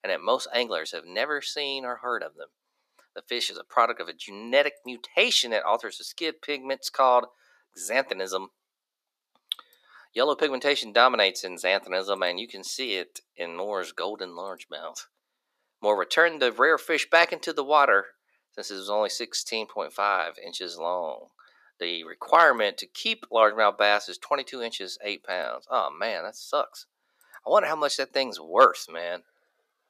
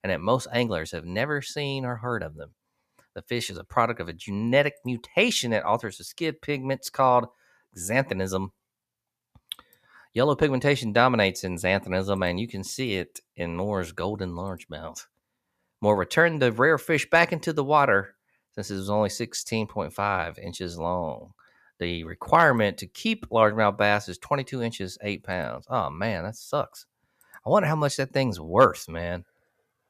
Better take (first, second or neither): second